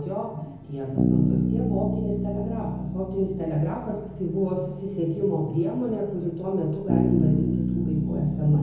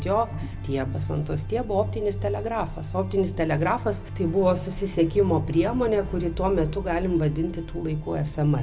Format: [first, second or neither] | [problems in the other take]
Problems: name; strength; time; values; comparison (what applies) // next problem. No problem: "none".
second | background sound (Bass guitar); as loud as the speech // room echo; dies away in 1 s